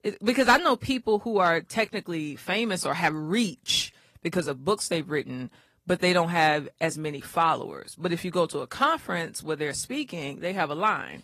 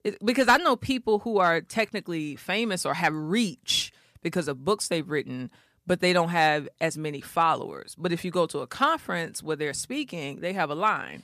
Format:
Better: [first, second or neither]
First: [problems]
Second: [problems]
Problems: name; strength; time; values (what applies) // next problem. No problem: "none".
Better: second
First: garbled, watery; slightly; nothing above 14.5 kHz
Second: none